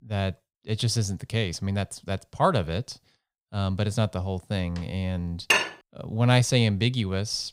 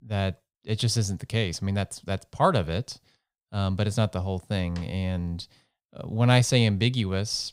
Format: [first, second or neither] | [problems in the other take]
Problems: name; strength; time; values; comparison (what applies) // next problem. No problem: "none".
second | clattering dishes; loud; at 5.5 s; peak 4 dB above the speech